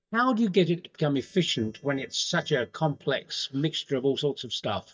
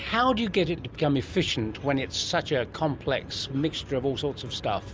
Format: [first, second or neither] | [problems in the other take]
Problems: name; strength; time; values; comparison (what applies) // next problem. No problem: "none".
second | noise reduction (neural mask model DeepFilterNet 3)